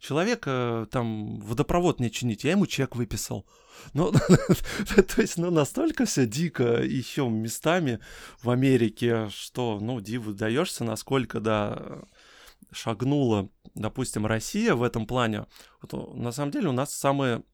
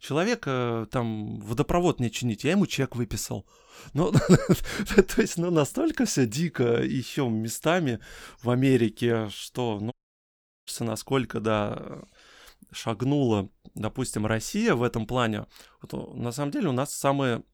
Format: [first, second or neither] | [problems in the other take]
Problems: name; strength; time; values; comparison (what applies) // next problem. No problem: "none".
first | audio cutting out; at 10 s for 1 s